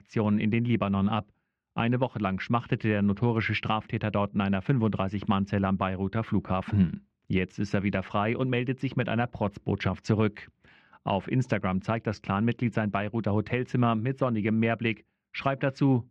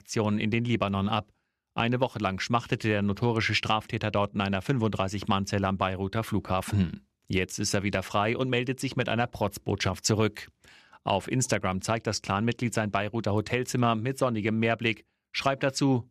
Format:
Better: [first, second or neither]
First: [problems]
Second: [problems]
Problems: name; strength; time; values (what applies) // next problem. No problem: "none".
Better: second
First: muffled; very; fading above 2.5 kHz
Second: none